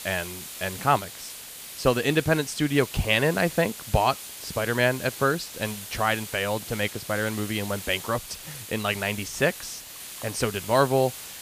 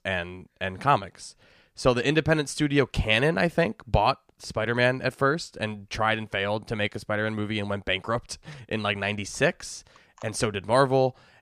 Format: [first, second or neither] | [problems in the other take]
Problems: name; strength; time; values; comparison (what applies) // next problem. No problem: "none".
second | hiss; noticeable; throughout; 10 dB below the speech